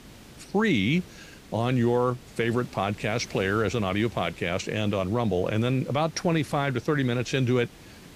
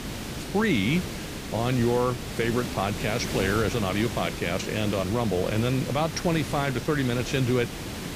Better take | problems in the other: first | hiss; loud; throughout; 7 dB below the speech; faint in the first

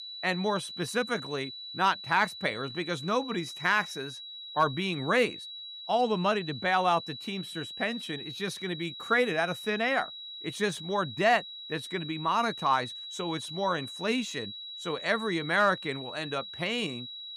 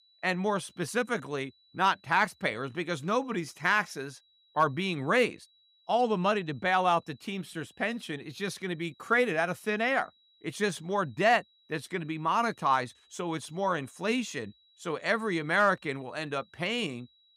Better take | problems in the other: second | high-pitched whine; loud; throughout; 4 kHz, 10 dB below the speech; faint in the second

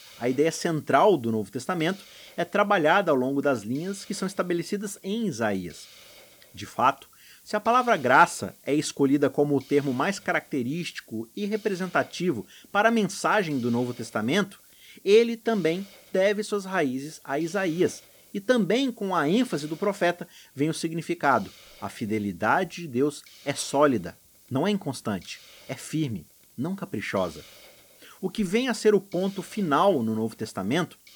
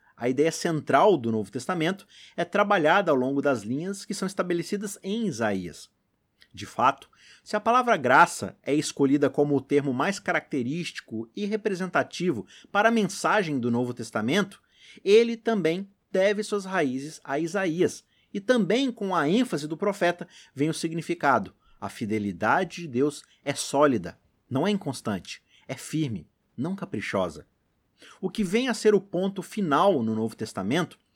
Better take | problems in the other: second | hiss; faint; throughout; 25 dB below the speech

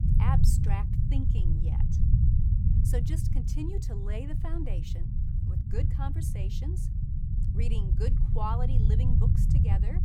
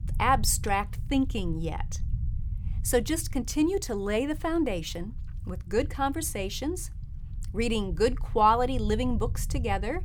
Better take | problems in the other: second | low rumble; loud; throughout; 1 dB below the speech; faint in the second

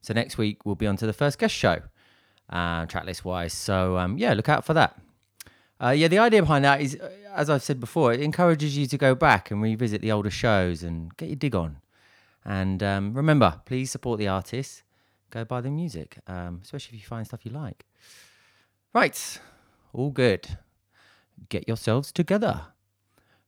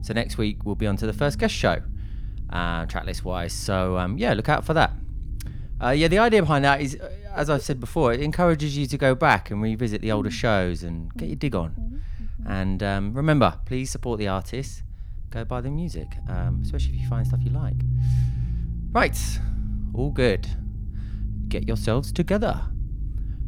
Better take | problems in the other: first | low rumble; faint; throughout; 20 dB below the speech

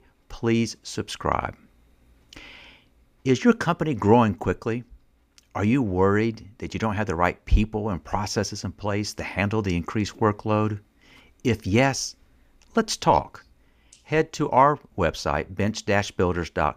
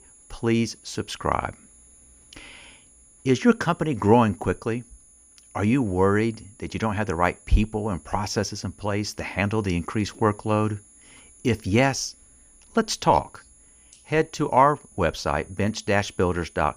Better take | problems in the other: first | high-pitched whine; faint; throughout; 10 kHz, 25 dB below the speech

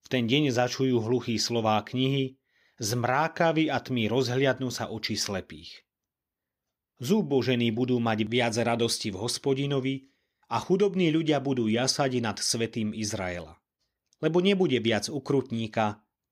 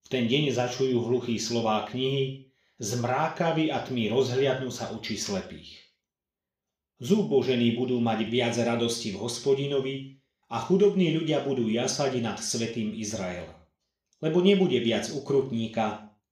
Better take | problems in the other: first | room echo; slight; dies away in 0.5 s // off-mic speech; somewhat distant

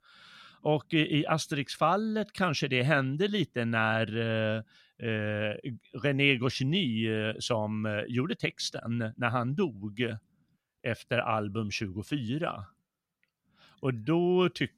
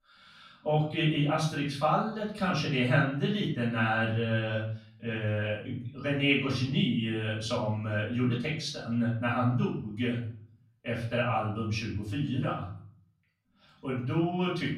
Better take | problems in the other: first | off-mic speech; far // room echo; noticeable; dies away in 0.5 s

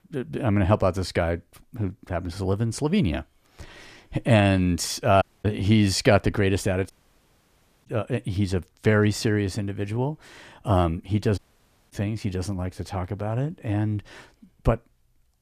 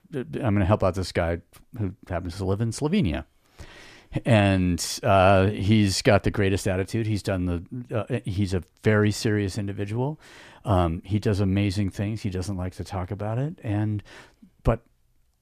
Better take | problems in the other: second | audio cutting out; at 5 s, at 7 s for 1 s and at 11 s for 0.5 s

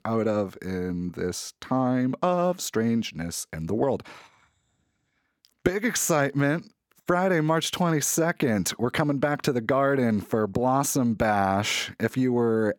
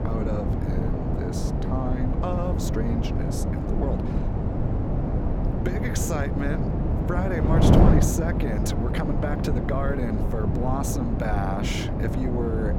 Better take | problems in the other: first | wind noise on the microphone; heavy; as loud as the speech

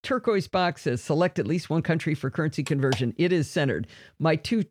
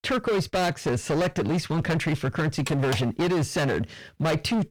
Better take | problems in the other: first | distortion; heavy; 26% of the sound clipped

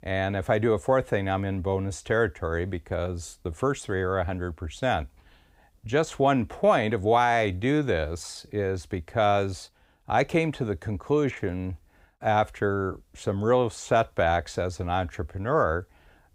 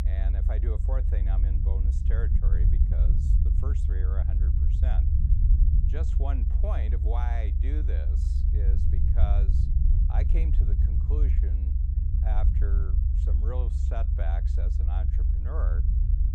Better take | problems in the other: first | low rumble; loud; throughout; 1 dB below the speech

